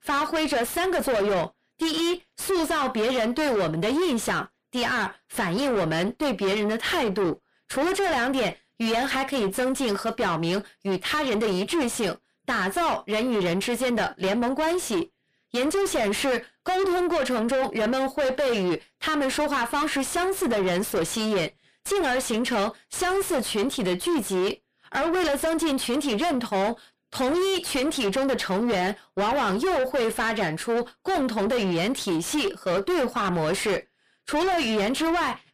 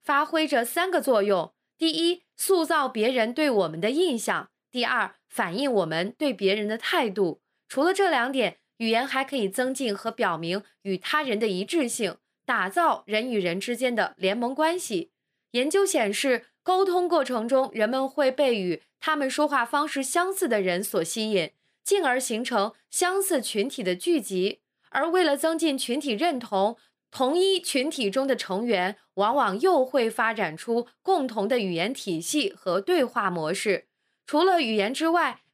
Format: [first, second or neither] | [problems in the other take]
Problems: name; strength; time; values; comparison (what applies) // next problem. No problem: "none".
second | distortion; heavy; 5 dB below the speech